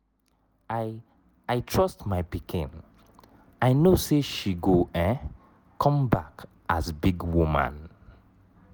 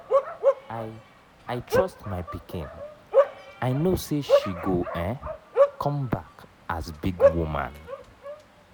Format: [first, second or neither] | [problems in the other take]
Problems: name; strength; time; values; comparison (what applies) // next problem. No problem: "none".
first | background sound (Bark); 4 dB above the speech